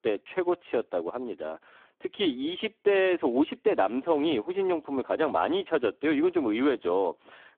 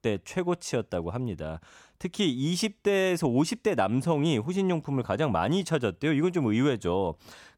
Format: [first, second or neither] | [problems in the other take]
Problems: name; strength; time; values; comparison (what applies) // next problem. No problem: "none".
second | phone-call audio; poor line; nothing above 3.5 kHz